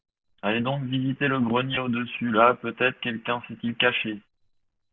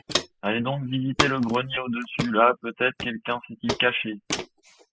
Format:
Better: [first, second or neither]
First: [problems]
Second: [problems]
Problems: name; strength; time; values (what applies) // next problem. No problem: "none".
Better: first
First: none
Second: noise reduction (classical method spectral subtraction)